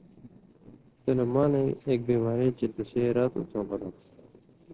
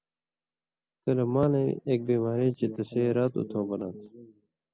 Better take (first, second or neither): second